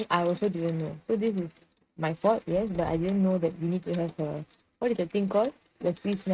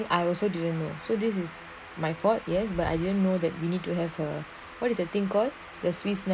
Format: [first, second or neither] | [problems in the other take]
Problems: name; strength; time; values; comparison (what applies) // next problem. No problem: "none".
second | noise reduction (neural mask model RNNoise)